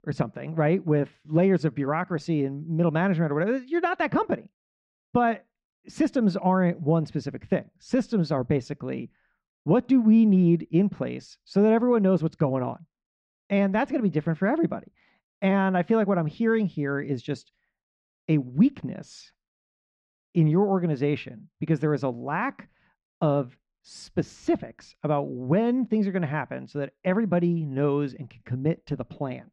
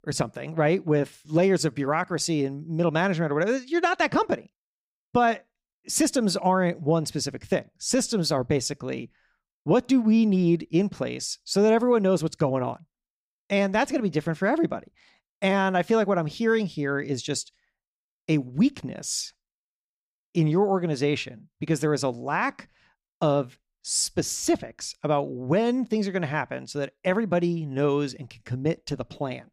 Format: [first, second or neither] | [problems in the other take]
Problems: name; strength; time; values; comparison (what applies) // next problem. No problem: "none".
second | muffled; very; fading above 2.5 kHz